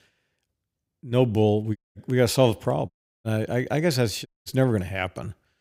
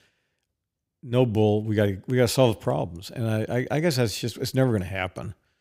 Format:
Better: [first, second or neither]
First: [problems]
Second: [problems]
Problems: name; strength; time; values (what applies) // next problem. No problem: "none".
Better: second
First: audio cutting out; at 2 s, at 3 s and at 4.5 s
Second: none